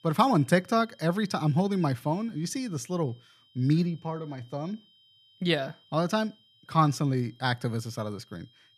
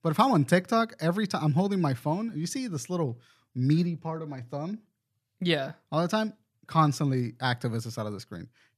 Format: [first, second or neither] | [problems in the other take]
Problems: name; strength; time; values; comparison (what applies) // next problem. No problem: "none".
second | high-pitched whine; faint; throughout; 3 kHz, 30 dB below the speech